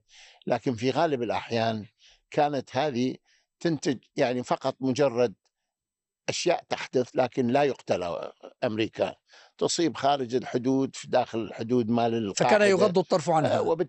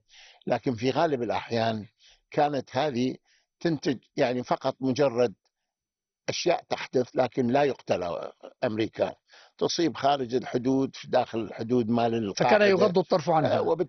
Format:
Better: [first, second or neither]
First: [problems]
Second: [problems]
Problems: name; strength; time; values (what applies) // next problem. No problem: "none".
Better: first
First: garbled, watery; slightly; nothing above 8 kHz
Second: garbled, watery; badly; nothing above 6 kHz